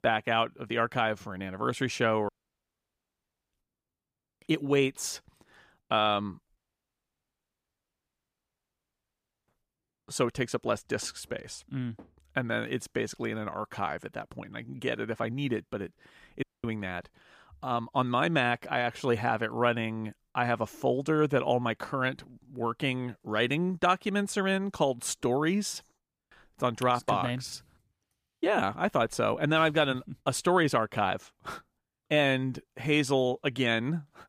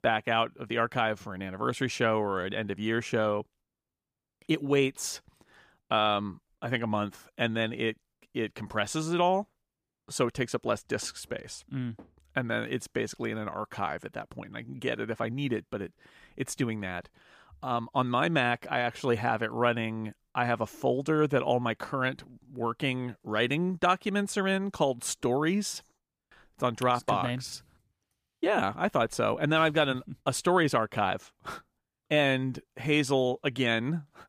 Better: second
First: audio cutting out; at 2.5 s for 1 s, at 6.5 s for 3 s and at 16 s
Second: none

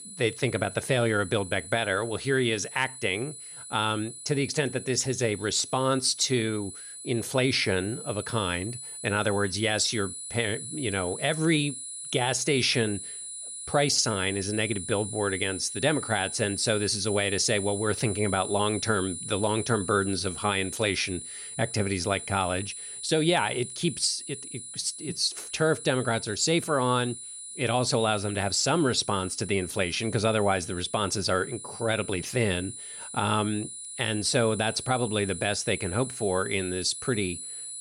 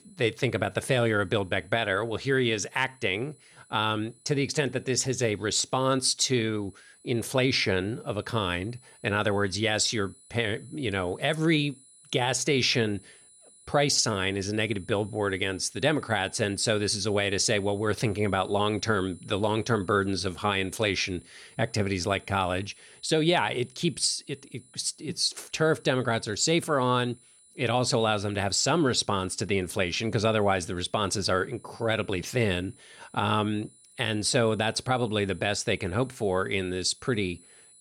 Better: second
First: high-pitched whine; loud; throughout; 9.5 kHz, 9 dB below the speech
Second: high-pitched whine; faint; throughout; 9.5 kHz, 25 dB below the speech

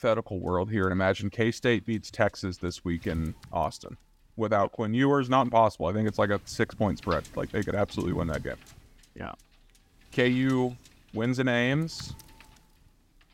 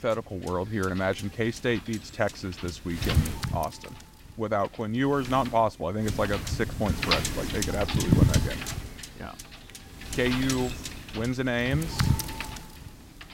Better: first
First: wind noise on the microphone; occasional gusts; 25 dB below the speech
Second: wind noise on the microphone; heavy; 5 dB below the speech

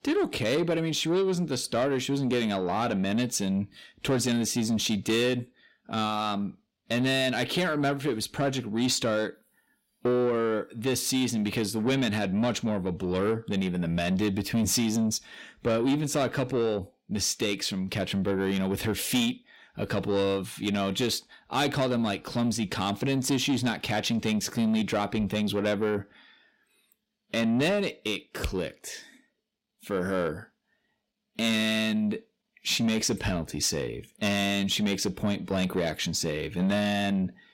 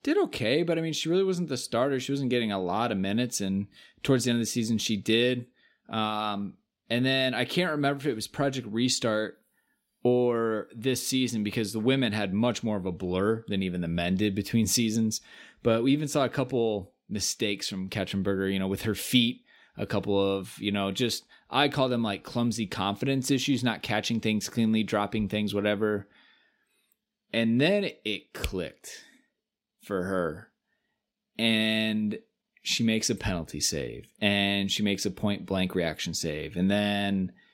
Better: second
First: distortion; slight; 10 dB below the speech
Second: none

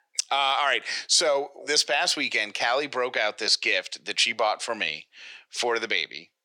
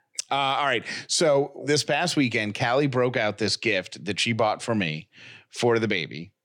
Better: second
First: thin; very; fading below 600 Hz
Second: none

